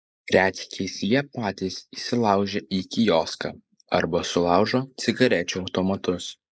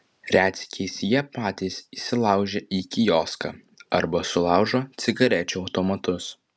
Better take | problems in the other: second | noise reduction (neural mask model Resemble Enhance denoiser)

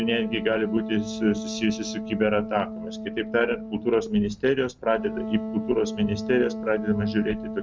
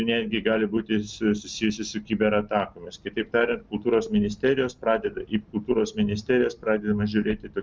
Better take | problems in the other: second | background sound (Wind instrument, woodwind instrument); 8 dB below the speech

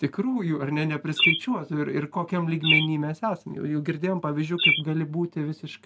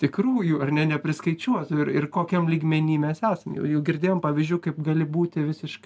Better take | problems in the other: second | background sound (Bird); 1 dB below the speech

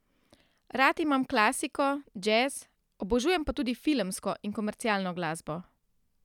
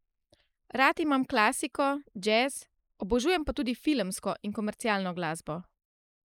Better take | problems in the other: first | noise reduction (neural mask model Resemble Enhance denoiser)

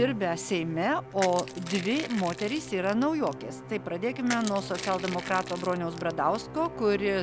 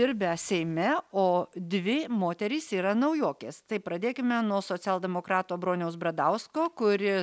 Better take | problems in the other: second | background sound (Musical instrument + Crushing); 11 dB below the speech

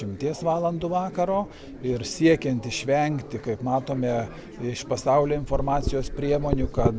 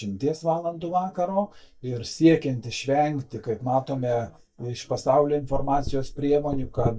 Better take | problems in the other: first | noise reduction (neural mask model DeepFilterNet 3)

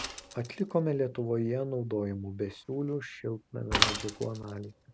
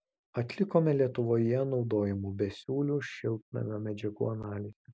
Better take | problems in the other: second | background sound (Mechanisms / Bicycle); 4 dB below the speech

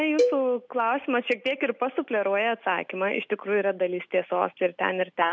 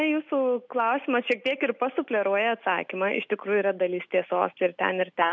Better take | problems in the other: second | background sound (Cowbell); 4 dB below the speech

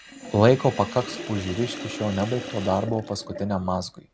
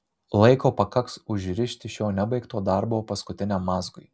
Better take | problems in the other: second | background sound (Sink (filling or washing)); 12 dB below the speech

